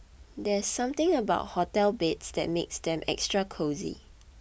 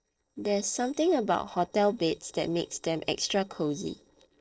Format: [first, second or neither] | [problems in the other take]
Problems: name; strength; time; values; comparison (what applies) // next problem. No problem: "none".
first | noise reduction (neural separator model SepFormer DNS4)